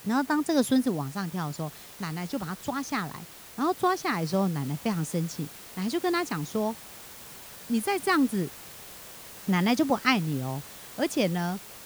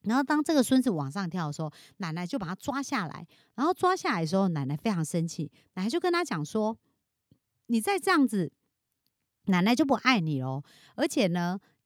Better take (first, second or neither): second